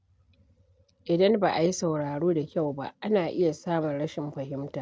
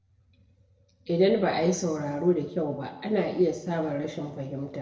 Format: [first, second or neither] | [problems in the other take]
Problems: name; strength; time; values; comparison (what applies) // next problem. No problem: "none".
first | room echo; dies away in 0.9 s